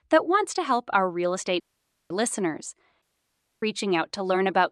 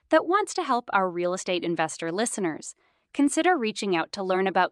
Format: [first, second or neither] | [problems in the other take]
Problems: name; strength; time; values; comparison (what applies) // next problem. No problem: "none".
second | audio cutting out; at 1.5 s for 0.5 s and at 3 s for 0.5 s